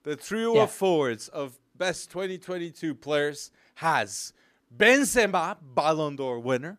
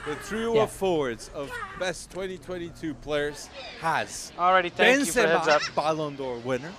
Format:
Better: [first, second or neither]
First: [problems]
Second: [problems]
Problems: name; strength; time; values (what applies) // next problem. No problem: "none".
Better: first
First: none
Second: animal sounds; very loud; throughout; 1 dB above the speech